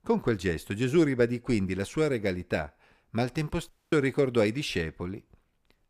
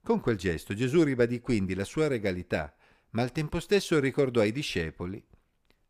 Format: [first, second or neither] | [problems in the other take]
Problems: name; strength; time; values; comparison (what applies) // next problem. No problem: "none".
second | audio cutting out; at 3.5 s